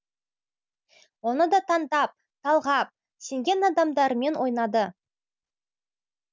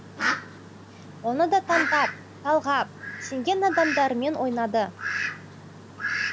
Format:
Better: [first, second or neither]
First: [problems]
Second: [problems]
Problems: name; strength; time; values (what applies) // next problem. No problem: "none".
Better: first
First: none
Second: background sound (Fowl); 5 dB below the speech